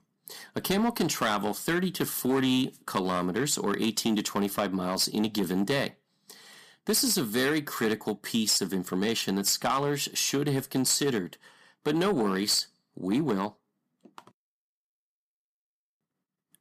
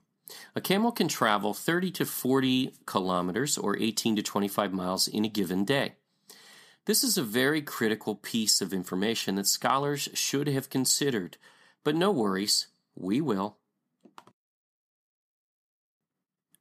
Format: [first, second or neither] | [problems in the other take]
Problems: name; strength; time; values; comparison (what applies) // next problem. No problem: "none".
second | distortion; slight; 5% of the sound clipped